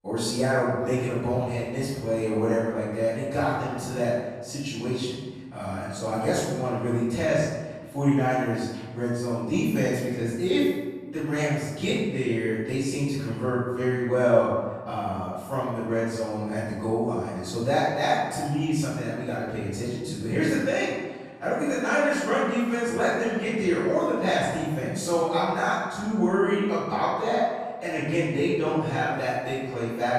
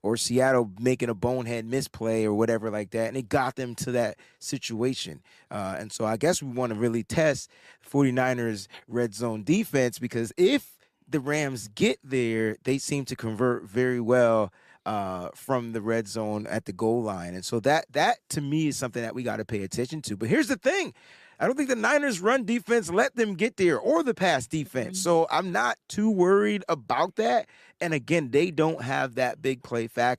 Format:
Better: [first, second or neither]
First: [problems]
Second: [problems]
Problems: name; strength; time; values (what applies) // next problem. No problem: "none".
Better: second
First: off-mic speech; far // room echo; strong; dies away in 1.3 s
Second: none